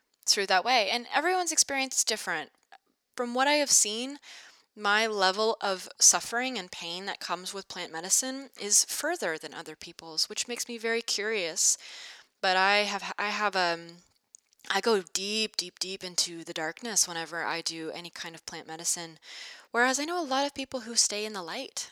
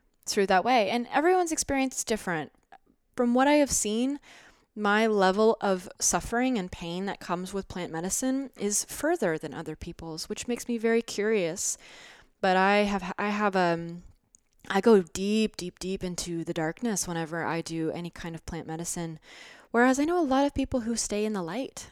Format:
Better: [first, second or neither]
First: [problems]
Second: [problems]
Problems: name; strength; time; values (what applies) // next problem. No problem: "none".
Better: second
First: thin; somewhat; fading below 1 kHz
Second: none